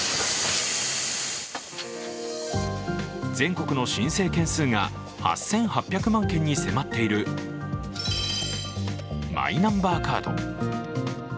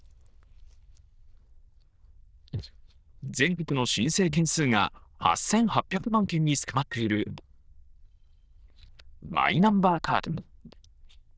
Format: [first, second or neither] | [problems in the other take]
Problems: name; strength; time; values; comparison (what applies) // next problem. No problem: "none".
first | noise reduction (neural diffusion model UNIVERSE++)